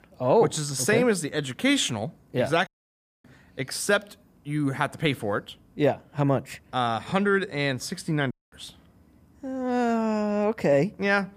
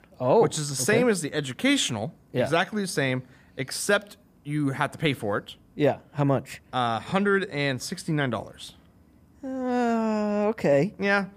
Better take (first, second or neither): second